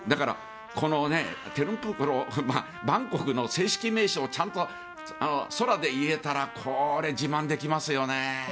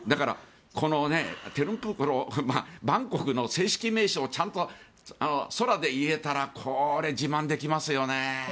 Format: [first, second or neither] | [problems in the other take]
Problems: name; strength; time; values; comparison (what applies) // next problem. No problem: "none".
second | background sound (Trumpet); 15 dB below the speech